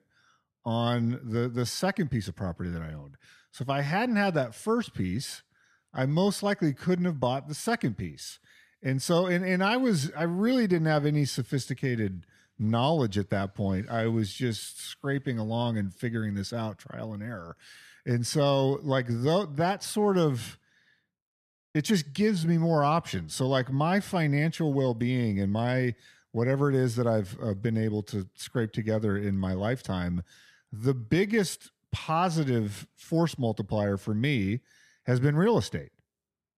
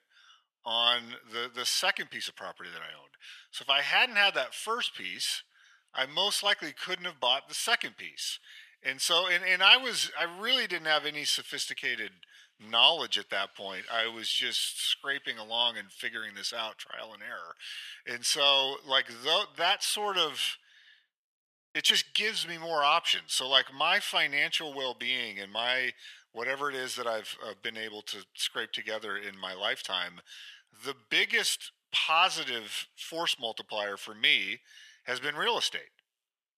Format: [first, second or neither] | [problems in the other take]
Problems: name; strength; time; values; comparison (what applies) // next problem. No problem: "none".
first | thin; very; fading below 900 Hz